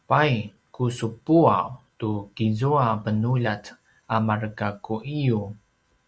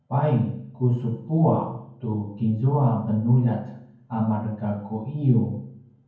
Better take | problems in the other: first | room echo; dies away in 0.9 s

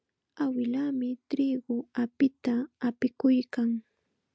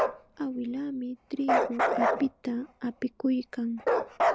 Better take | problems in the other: first | background sound (Bark); 2 dB above the speech

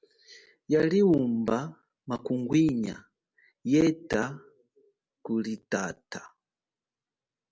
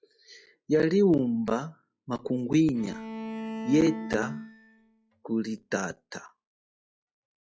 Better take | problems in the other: first | noise reduction (classical method log-MMSE)

